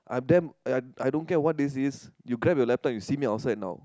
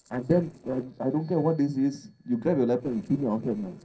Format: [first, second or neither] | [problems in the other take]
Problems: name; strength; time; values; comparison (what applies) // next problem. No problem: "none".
first | noise reduction (neural separator model SepFormer DNS4)